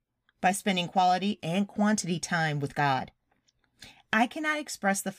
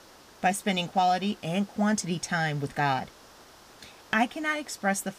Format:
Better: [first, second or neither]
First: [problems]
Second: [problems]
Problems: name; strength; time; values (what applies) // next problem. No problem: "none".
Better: first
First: none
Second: hiss; faint; throughout; 25 dB below the speech